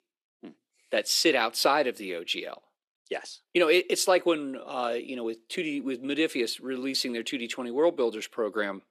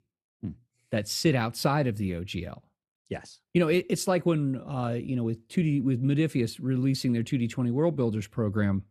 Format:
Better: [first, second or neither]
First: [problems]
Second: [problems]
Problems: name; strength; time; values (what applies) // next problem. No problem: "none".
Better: second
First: thin; somewhat; fading below 350 Hz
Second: none